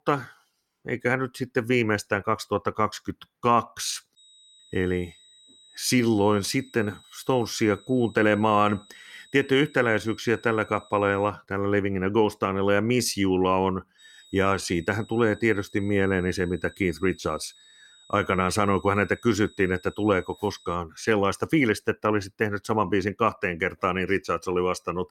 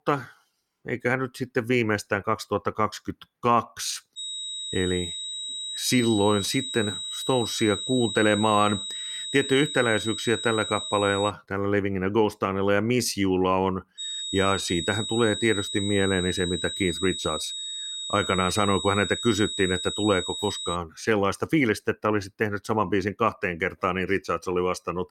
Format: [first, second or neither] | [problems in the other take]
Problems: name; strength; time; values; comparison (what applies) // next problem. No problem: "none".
first | high-pitched whine; loud; from 4 to 11 s and from 14 to 21 s; 4 kHz, 5 dB below the speech; faint in the first